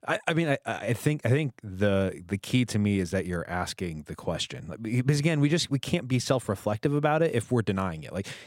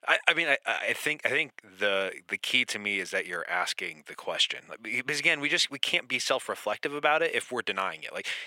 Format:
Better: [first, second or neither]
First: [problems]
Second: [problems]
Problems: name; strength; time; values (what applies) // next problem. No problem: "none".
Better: first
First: none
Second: thin; very; fading below 550 Hz